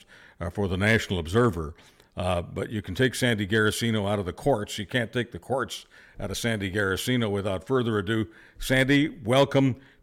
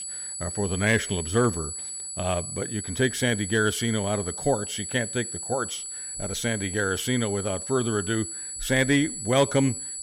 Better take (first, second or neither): first